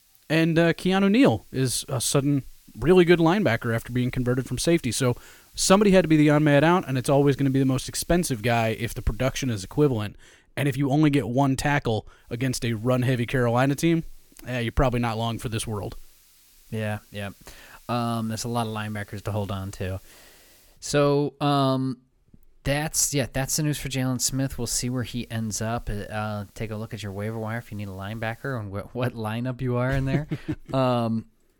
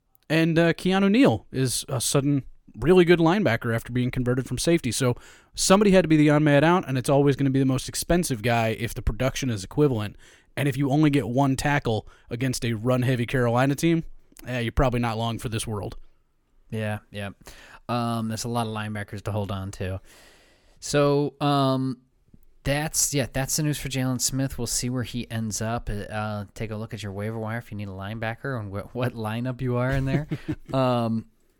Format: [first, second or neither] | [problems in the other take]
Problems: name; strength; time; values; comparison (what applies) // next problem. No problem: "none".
second | hiss; faint; until 10 s, from 12 to 21 s and from 24 to 29 s; 30 dB below the speech